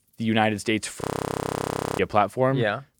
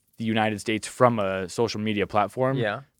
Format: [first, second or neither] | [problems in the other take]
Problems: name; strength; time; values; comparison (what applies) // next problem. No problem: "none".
second | audio freezing; at 1 s for 1 s